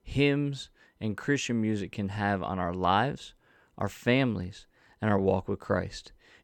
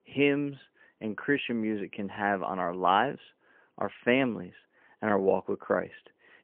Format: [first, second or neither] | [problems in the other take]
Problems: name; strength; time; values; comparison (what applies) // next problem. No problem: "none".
first | phone-call audio; poor line; nothing above 3 kHz